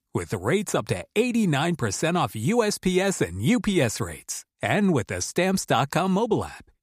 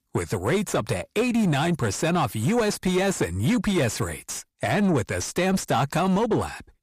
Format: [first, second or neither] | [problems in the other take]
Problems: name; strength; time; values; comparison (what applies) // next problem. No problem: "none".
first | distortion; slight; 10 dB below the speech